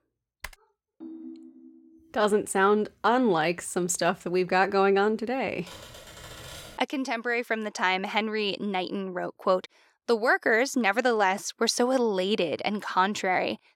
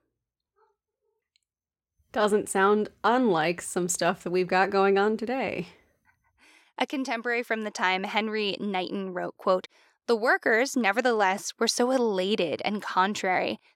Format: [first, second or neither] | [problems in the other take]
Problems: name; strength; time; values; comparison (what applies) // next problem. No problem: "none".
second | keyboard typing; faint; at 0.5 s and from 5.5 to 7 s; peak 15 dB below the speech // phone ringing; faint; from 1 to 2 s; peak 15 dB below the speech